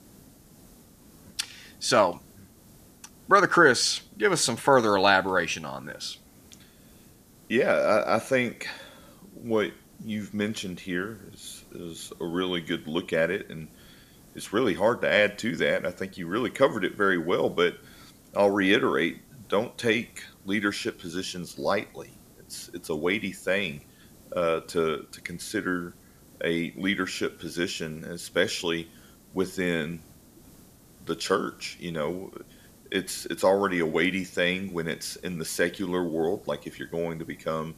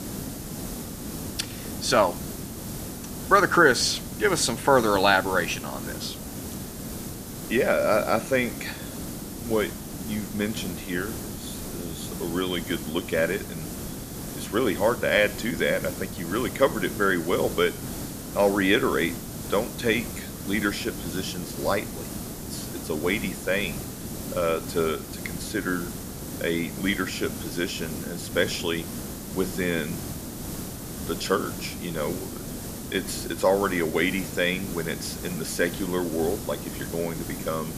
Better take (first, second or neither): first